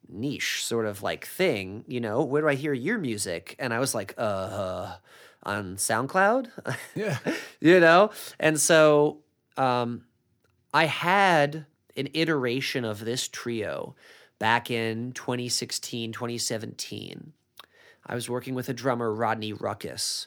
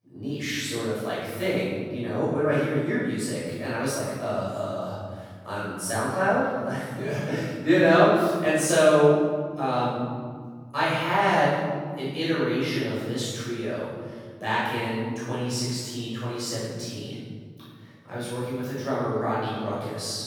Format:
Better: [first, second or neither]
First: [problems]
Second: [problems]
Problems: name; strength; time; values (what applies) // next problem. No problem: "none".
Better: first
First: none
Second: off-mic speech; far // room echo; strong; dies away in 2.1 s